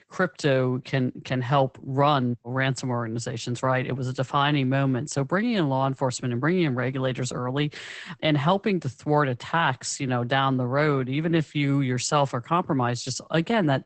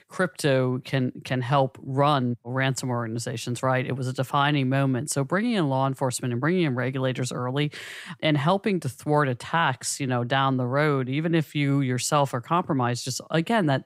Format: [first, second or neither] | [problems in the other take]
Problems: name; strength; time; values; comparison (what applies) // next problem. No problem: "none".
second | garbled, watery; badly; nothing above 8 kHz